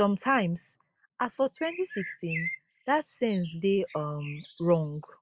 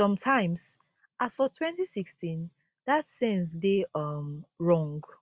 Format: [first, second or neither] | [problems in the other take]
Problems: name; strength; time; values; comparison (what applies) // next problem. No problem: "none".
second | noise reduction (neural mask model Resemble Enhance denoiser)